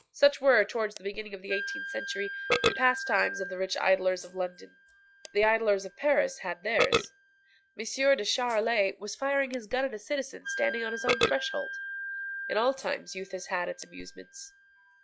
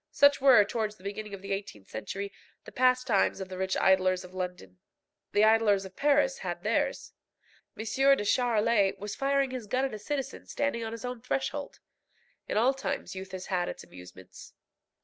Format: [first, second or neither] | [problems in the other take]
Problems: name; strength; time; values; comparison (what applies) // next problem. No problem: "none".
second | noise reduction (classical method log-MMSE)